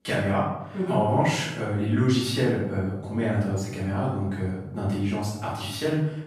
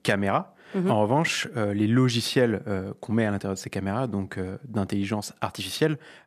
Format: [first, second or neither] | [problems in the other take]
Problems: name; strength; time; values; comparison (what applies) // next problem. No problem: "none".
second | off-mic speech; far // room echo; noticeable; dies away in 0.7 s